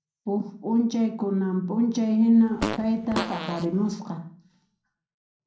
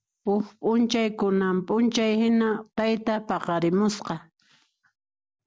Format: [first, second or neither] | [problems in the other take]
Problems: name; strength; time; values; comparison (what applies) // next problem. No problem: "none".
second | background sound (Fart); 7 dB below the speech // room echo; dies away in 0.6 s